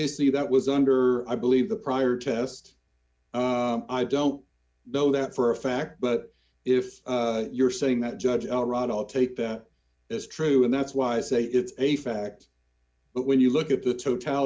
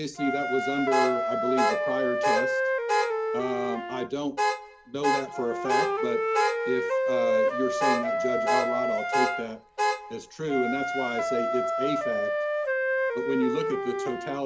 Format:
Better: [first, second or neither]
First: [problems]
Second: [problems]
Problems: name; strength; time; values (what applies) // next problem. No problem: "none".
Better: first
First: none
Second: background sound (Wind instrument, woodwind instrument + Alarm / Car); 4 dB above the speech